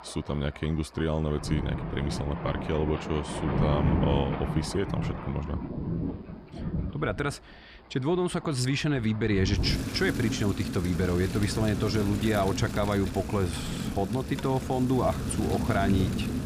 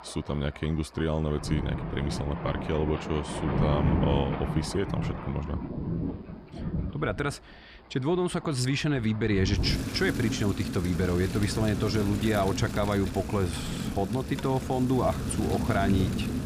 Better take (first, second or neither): neither